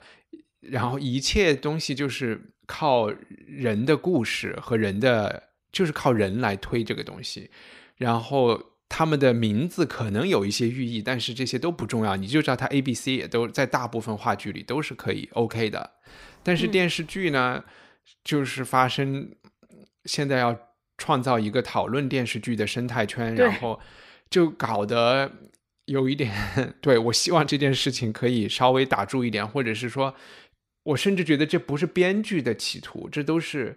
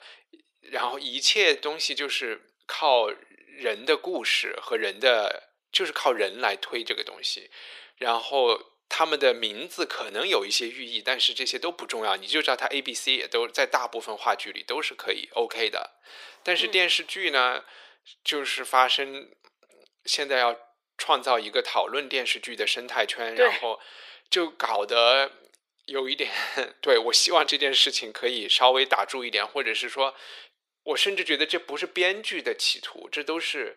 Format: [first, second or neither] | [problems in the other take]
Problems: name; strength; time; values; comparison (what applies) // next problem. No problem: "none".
first | thin; very; fading below 450 Hz